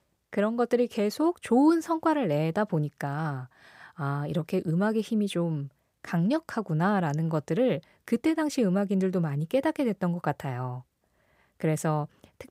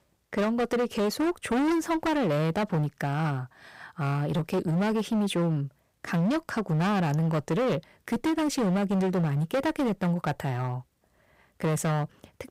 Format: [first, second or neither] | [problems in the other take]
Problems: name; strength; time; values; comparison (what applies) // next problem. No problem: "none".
first | distortion; heavy; 21% of the sound clipped